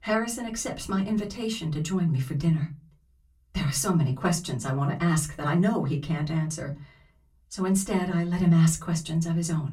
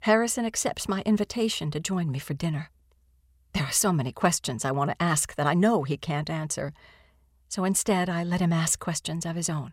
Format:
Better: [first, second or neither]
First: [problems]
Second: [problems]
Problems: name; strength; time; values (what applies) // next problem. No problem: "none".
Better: second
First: off-mic speech; far // room echo; very slight; dies away in 0.3 s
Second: none